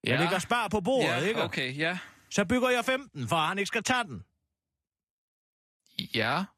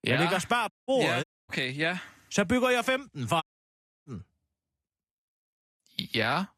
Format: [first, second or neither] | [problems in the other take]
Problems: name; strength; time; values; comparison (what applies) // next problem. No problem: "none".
first | audio cutting out; at 0.5 s, at 1 s and at 3.5 s for 0.5 s